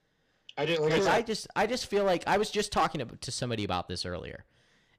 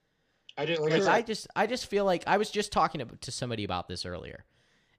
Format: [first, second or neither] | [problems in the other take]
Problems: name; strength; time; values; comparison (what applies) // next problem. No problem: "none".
second | distortion; slight; 5% of the sound clipped